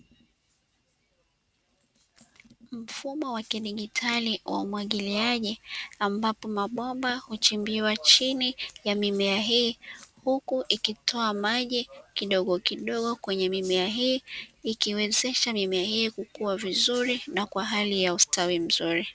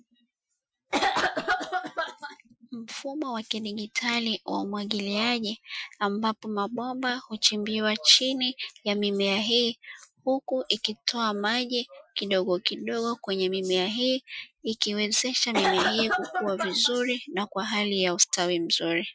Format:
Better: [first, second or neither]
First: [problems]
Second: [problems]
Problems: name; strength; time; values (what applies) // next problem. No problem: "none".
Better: first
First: none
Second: noise reduction (classical method Wiener filter)